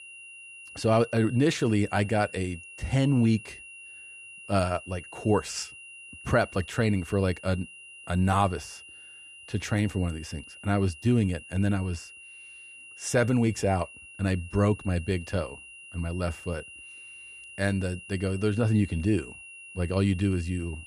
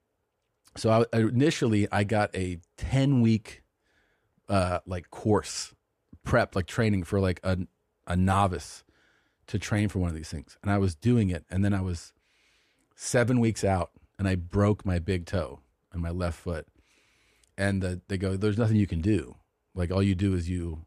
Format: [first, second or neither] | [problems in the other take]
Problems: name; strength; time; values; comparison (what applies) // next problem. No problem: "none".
second | high-pitched whine; noticeable; throughout; 3 kHz, 15 dB below the speech